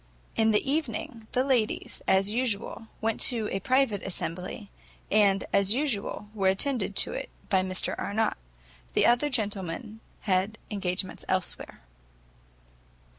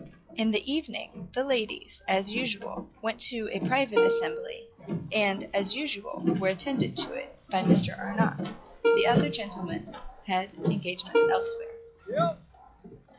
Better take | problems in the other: first | noise reduction (classical method log-MMSE)

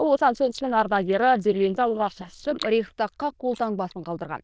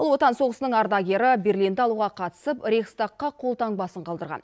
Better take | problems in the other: second | noise reduction (neural diffusion model UNIVERSE++)

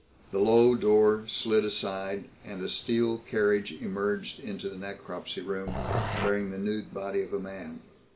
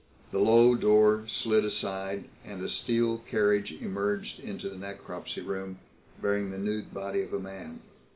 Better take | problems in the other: second | background sound (Growling); 4 dB below the speech

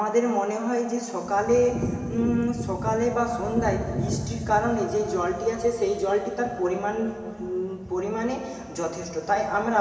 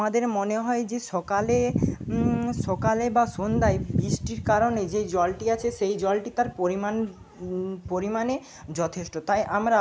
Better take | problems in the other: second | room echo; dies away in 2.7 s

